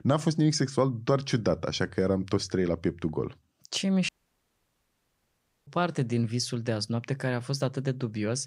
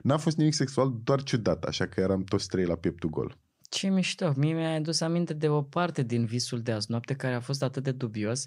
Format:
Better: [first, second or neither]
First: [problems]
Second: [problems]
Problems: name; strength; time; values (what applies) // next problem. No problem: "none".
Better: second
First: audio cutting out; at 4 s for 1.5 s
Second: none